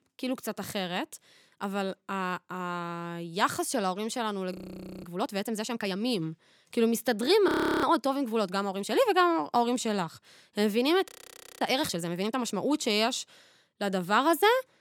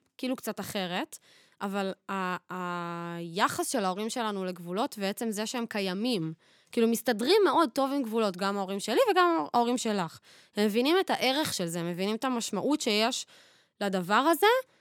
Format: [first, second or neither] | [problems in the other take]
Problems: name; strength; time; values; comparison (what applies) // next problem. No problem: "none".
second | audio freezing; at 4.5 s for 0.5 s, at 7.5 s and at 11 s for 0.5 s